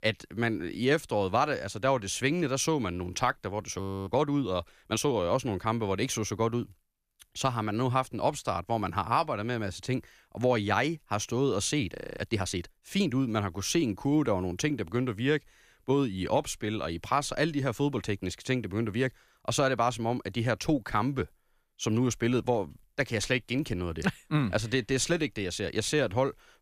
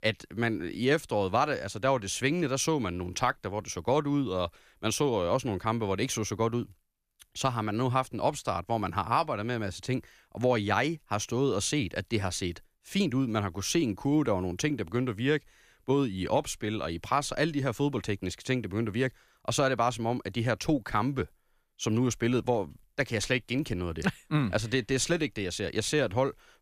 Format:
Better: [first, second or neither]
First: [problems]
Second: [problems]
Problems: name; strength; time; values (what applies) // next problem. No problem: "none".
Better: second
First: audio freezing; at 4 s and at 12 s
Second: none